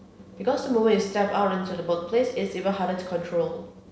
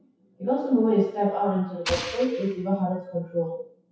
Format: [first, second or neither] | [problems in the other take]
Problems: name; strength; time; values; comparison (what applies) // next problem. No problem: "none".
first | noise reduction (classical method WPE with log-MMSE)